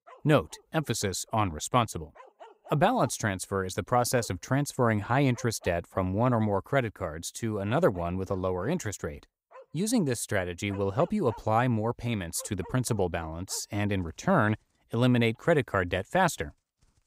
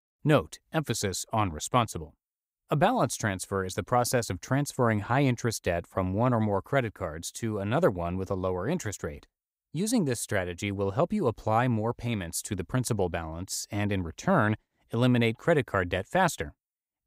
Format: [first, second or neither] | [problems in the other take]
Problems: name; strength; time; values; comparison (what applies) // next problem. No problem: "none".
second | animal sounds; faint; throughout; 25 dB below the speech